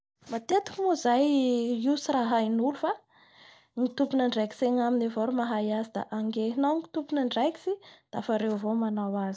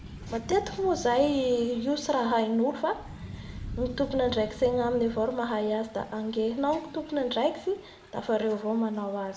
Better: first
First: none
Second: background sound (Thunder / Rain); 15 dB below the speech // room echo; dies away in 0.7 s

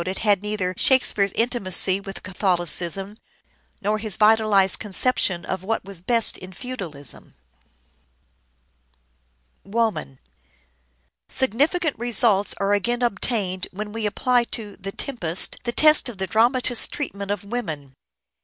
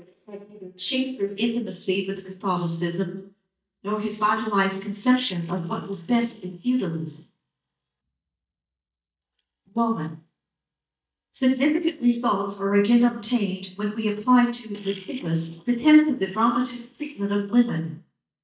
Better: first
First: none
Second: noise reduction (neural mask model DeepFilterNet 3)

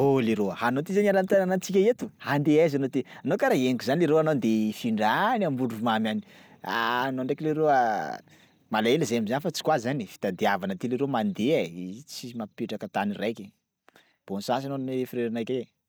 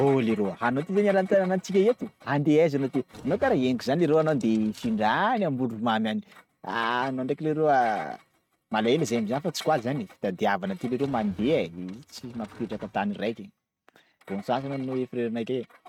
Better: first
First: none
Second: noise reduction (neural mask model RNNoise)

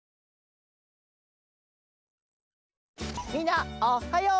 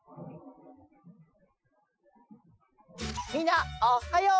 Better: first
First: none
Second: noise reduction (classical method Wiener filter)

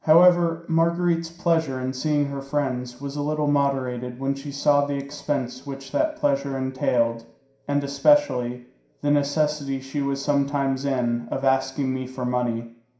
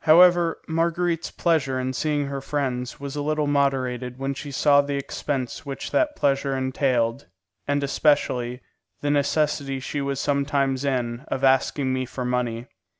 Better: second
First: room echo; dies away in 0.5 s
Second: none

